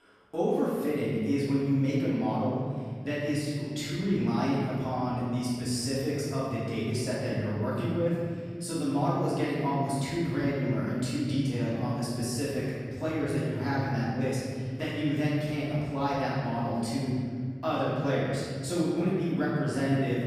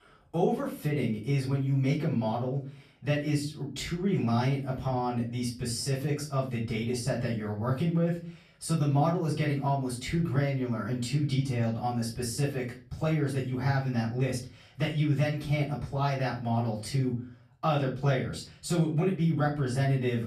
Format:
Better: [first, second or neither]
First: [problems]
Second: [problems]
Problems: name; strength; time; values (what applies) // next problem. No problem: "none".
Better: second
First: room echo; strong; dies away in 2.6 s // off-mic speech; far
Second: room echo; slight; dies away in 0.4 s // off-mic speech; far